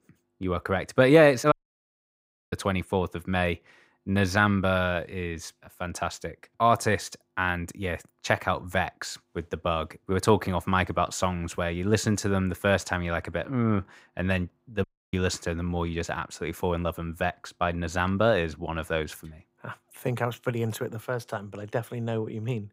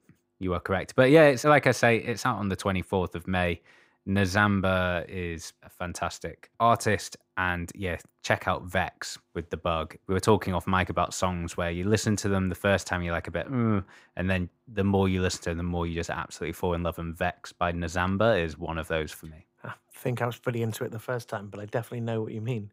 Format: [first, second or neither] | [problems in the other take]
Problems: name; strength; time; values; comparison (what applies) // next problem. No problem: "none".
second | audio cutting out; at 1.5 s for 1 s and at 15 s